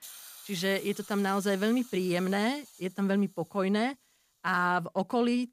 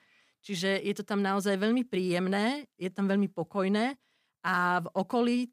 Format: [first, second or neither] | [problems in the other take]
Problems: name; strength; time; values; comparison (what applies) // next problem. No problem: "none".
second | hiss; noticeable; throughout; 20 dB below the speech